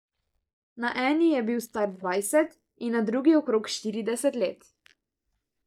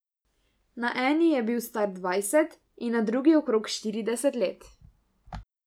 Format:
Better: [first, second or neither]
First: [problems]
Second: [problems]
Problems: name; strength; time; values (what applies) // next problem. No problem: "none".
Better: second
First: noise reduction (neural mask model DeepFilterNet 3)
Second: none